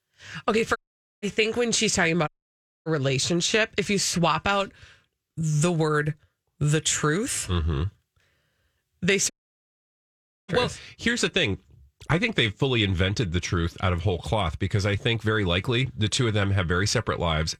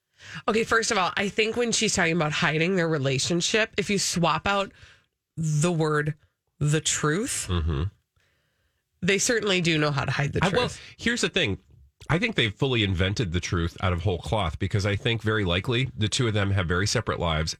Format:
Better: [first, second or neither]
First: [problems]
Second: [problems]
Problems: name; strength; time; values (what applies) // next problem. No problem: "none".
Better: second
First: audio cutting out; at 1 s, at 2.5 s for 0.5 s and at 9.5 s for 1 s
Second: none